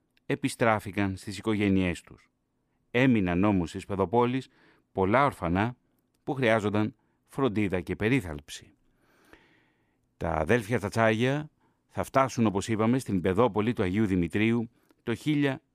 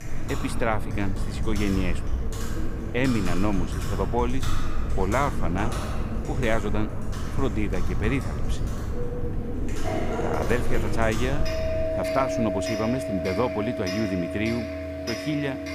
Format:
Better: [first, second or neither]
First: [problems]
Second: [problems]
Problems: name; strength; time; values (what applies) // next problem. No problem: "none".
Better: first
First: none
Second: household noises; loud; throughout; 2 dB below the speech